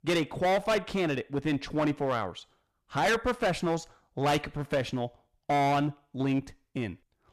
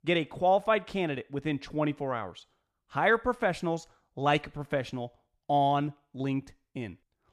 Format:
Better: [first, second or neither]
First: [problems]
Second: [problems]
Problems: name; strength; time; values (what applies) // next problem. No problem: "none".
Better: second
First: distortion; heavy; 11% of the sound clipped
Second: none